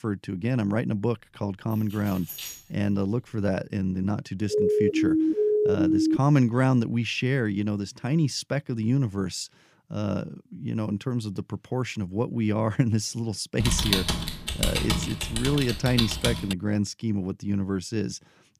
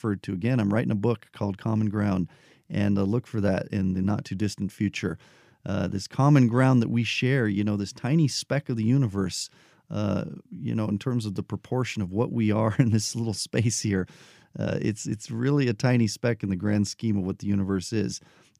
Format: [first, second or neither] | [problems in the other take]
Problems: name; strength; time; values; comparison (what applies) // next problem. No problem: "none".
second | jangling keys; noticeable; at 1.5 s; peak 8 dB below the speech // siren; loud; from 4.5 to 6 s; peak 5 dB above the speech // keyboard typing; loud; from 14 to 17 s; peak 3 dB above the speech